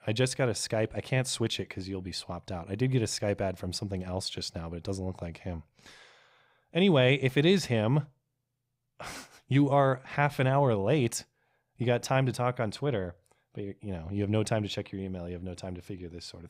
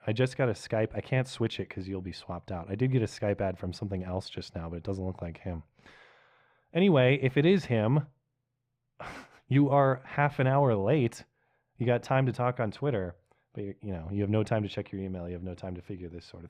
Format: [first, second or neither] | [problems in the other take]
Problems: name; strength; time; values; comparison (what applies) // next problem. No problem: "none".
first | muffled; slightly; fading above 4 kHz